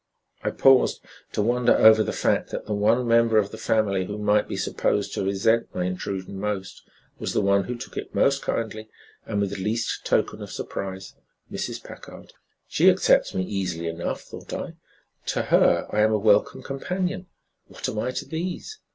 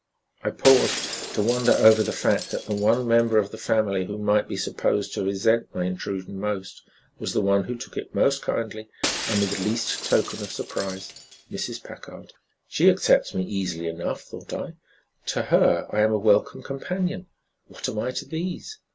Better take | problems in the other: first | background sound (Shatter); 10 dB below the speech

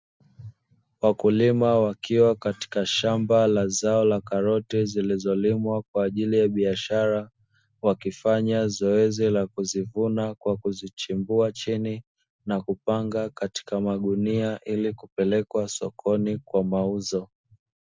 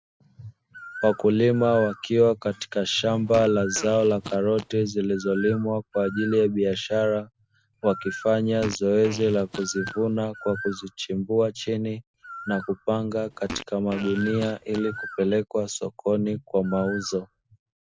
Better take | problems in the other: first | background sound (Fart + Bird); 16 dB below the speech

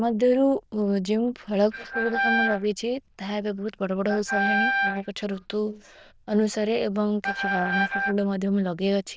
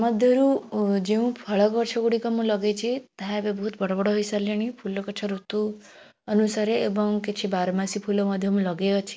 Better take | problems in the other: second | noise reduction (neural diffusion model UNIVERSE++)

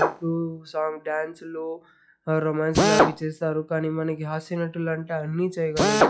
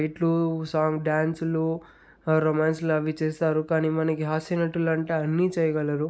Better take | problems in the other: second | noise reduction (classical method log-MMSE)

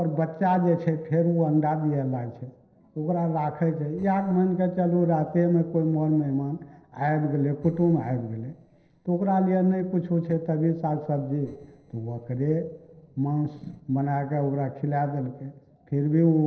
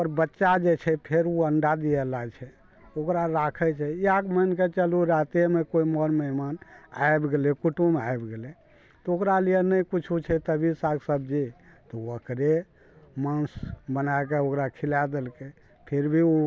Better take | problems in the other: second | noise reduction (neural separator model SepFormer DNS4)

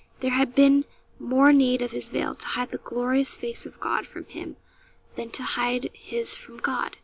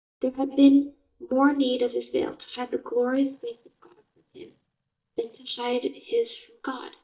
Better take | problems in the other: first | noise reduction (neural mask model DeepFilterNet 3)

